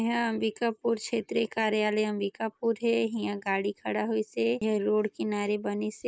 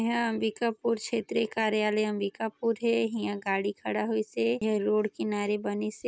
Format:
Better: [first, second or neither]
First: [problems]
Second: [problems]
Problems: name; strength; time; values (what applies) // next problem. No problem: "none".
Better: second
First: noise reduction (neural mask model Resemble Enhance denoiser)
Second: none